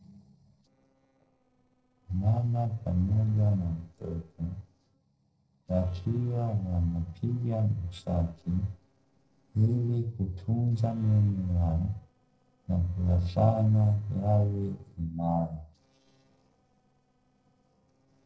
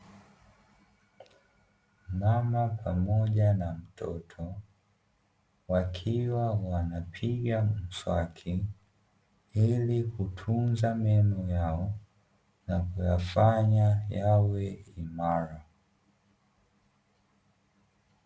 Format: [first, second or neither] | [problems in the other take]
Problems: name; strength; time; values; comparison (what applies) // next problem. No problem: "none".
second | noise reduction (neural separator model SepFormer DNS4)